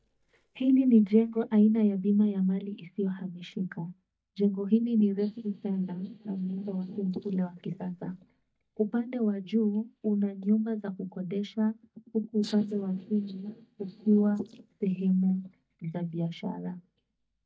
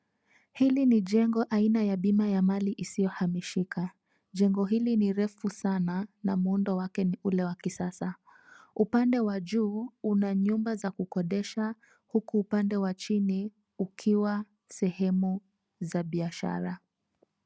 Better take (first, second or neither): second